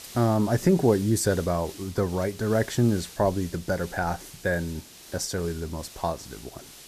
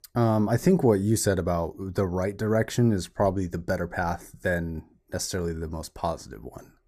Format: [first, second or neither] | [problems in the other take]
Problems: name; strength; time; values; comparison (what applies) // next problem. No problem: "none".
second | hiss; noticeable; throughout; 15 dB below the speech